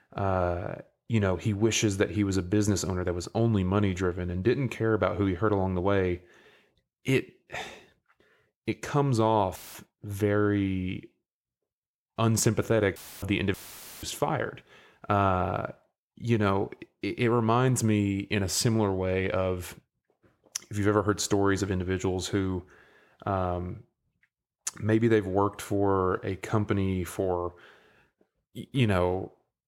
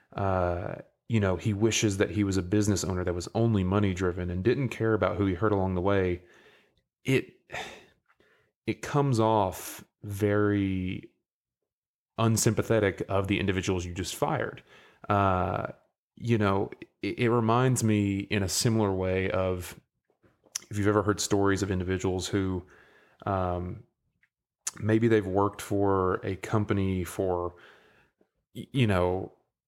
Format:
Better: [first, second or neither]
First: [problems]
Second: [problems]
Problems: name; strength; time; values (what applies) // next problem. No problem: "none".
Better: second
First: audio cutting out; filled with static; at 9.5 s, at 13 s and at 14 s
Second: none